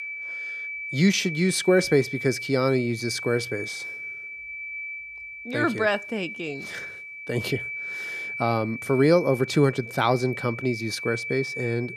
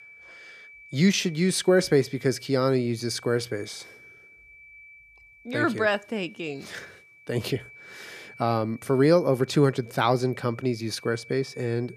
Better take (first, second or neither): second